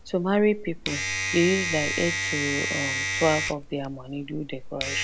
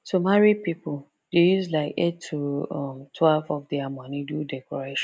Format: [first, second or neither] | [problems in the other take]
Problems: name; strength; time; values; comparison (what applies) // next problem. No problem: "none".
second | background sound (Domestic sounds, home sounds); 3 dB below the speech